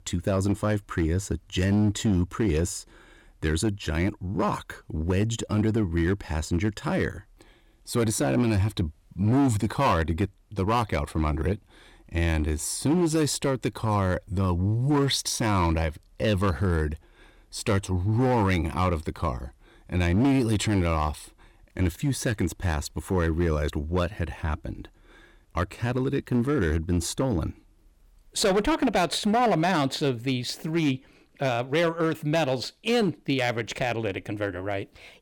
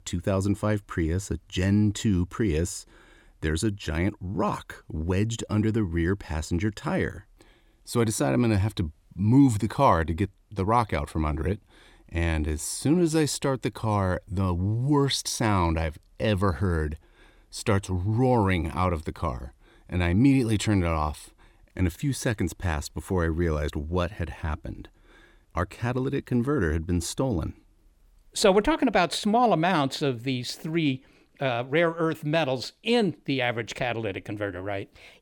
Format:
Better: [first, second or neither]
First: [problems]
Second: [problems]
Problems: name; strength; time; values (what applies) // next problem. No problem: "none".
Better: second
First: distortion; slight; 6% of the sound clipped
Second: none